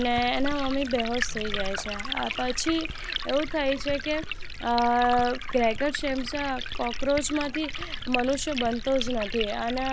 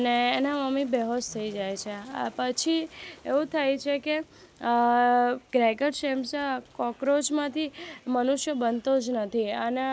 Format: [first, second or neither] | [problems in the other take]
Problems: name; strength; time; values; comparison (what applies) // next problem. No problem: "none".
second | background sound (Liquid); 4 dB below the speech